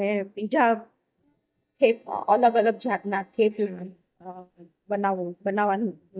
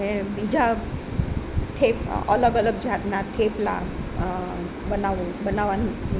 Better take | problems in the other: second | noise reduction (neural mask model DeepFilterNet 3)

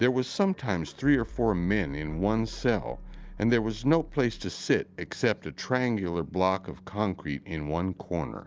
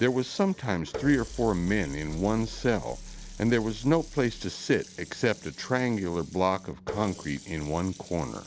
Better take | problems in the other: first | background sound (Water tap, faucet); 18 dB below the speech

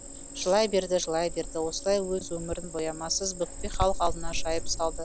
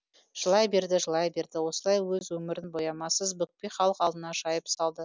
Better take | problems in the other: second | background sound (Cricket); 5 dB below the speech

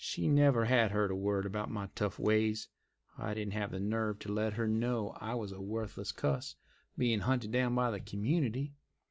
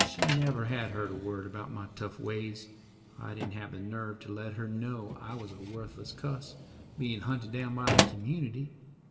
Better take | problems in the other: first | background sound (Drawer open or close); 1 dB below the speech // room echo; dies away in 3 s

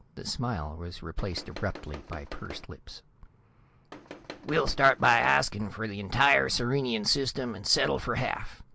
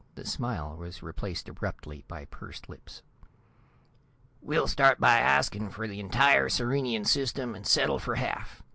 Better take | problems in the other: second | background sound (Tools); 15 dB below the speech

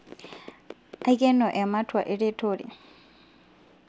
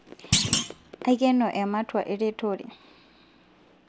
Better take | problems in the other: first | background sound (Thump, thud); as loud as the speech

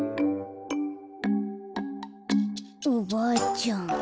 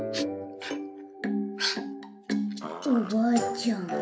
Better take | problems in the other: first | background sound (Dog); 10 dB below the speech // room echo; dies away in 0.3 s

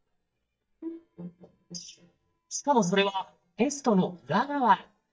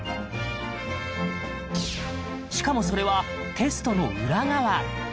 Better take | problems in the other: second | noise reduction (neural mask model DeepFilterNet 3)

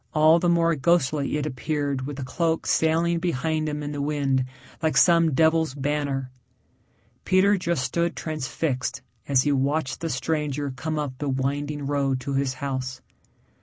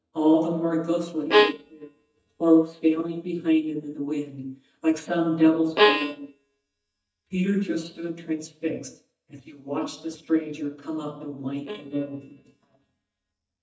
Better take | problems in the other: first | noise reduction (neural mask model DeepFilterNet 3)

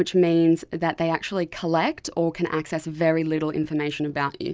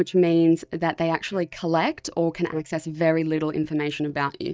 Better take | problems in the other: first | noise reduction (neural mask model DeepFilterNet 3)

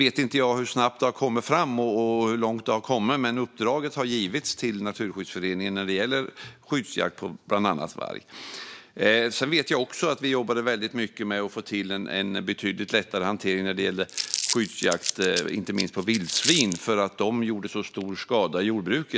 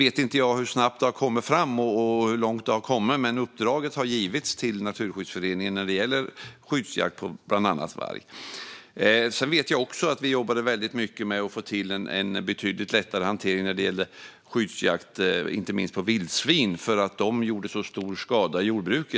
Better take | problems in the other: second | background sound (Crumpling, crinkling); 5 dB below the speech

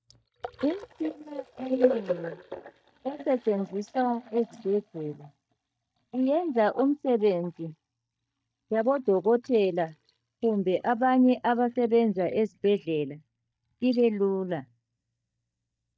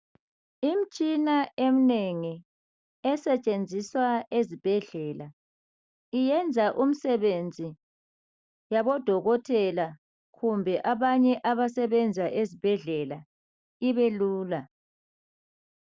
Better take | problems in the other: second | noise reduction (neural mask model DeepFilterNet 3)

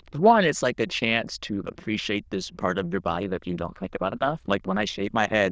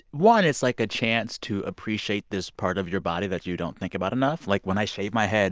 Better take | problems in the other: second | noise reduction (neural diffusion model UNIVERSE++)

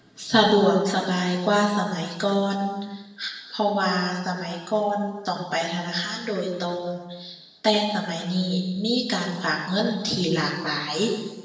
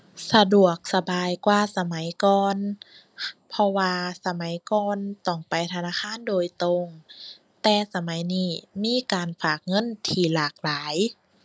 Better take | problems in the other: second | room echo; dies away in 1.1 s

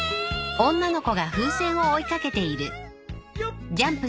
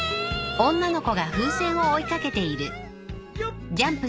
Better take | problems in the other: first | background sound (Alarm + Bowed string instrument); 15 dB below the speech

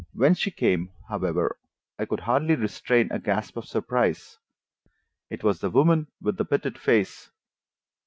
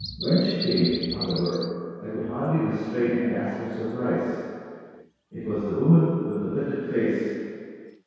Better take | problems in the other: first | background sound (Bird vocalization, bird call, bird song); 15 dB below the speech // room echo; dies away in 2 s

